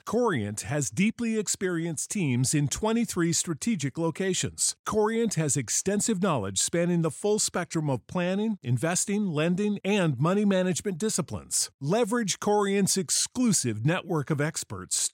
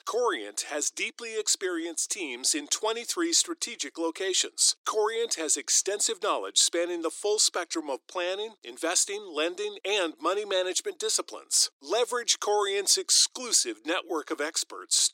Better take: first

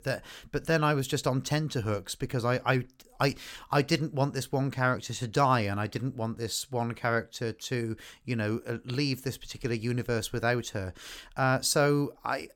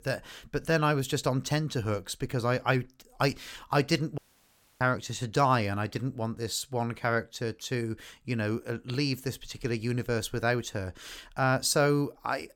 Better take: first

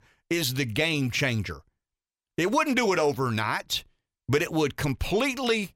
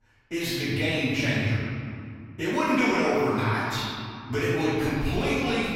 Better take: first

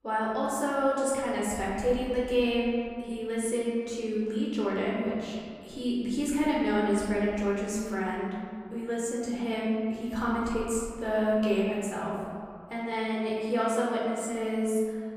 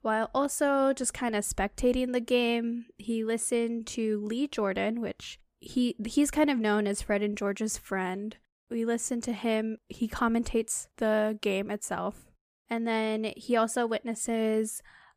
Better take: second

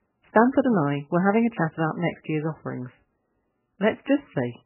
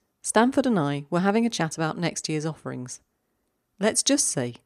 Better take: second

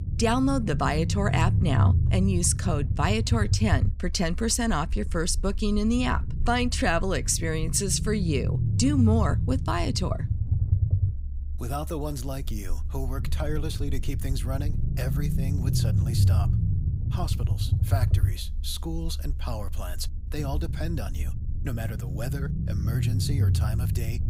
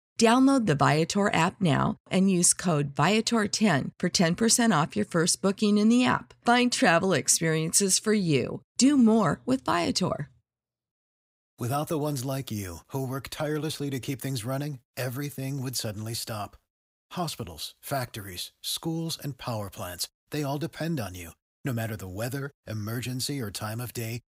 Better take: second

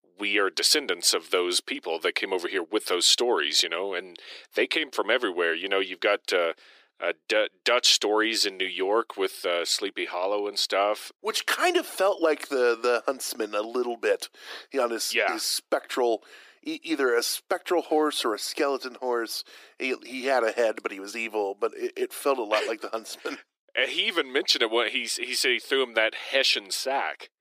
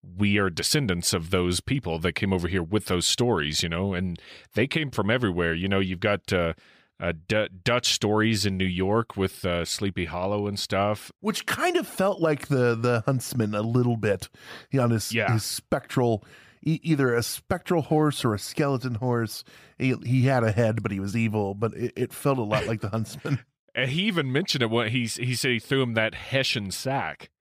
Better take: second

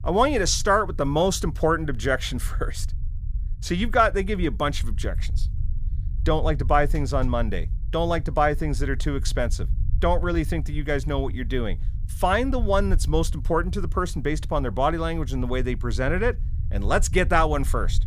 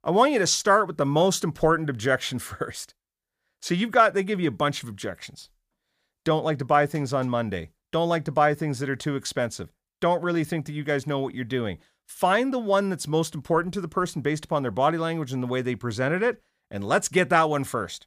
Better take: second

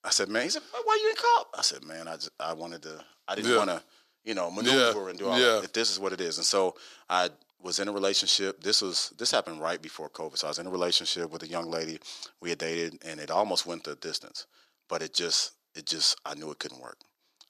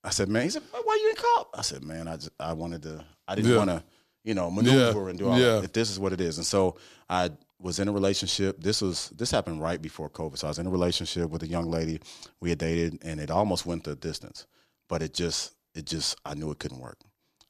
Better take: second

